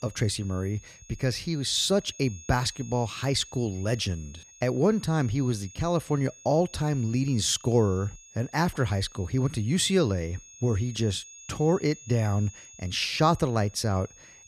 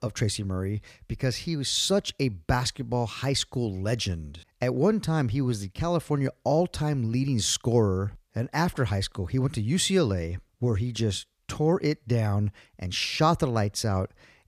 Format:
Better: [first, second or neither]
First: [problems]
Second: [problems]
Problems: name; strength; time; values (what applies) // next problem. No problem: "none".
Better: second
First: high-pitched whine; noticeable; throughout; 6.5 kHz, 20 dB below the speech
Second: none